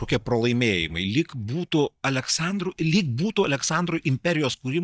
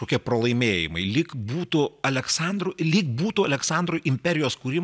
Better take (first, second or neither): second